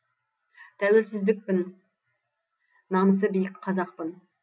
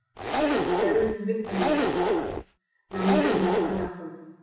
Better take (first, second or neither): first